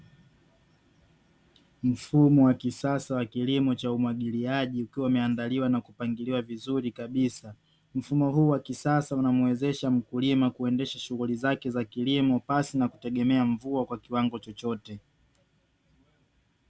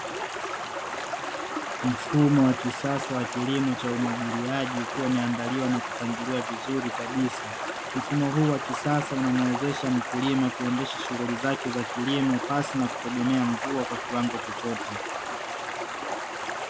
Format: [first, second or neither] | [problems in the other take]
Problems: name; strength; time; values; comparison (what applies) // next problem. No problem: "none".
first | background sound (Stream); 5 dB below the speech